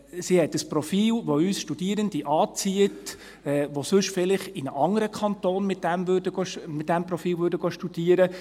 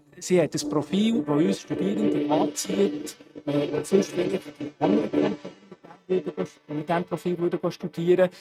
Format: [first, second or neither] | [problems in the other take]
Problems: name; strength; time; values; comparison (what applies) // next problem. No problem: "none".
first | noise reduction (neural mask model RNNoise)